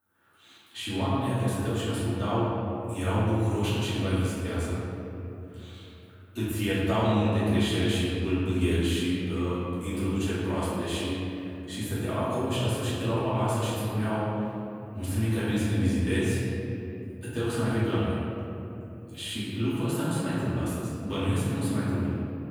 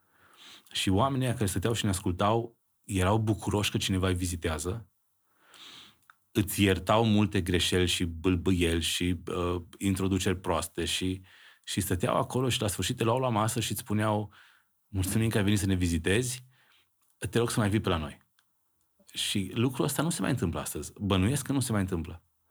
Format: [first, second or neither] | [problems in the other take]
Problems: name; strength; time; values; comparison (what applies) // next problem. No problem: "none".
second | off-mic speech; far // room echo; strong; dies away in 3 s